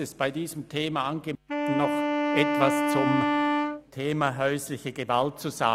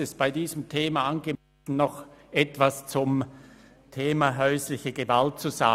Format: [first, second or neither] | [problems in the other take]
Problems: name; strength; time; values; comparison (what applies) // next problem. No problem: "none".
second | background sound (Wind instrument, woodwind instrument); 2 dB above the speech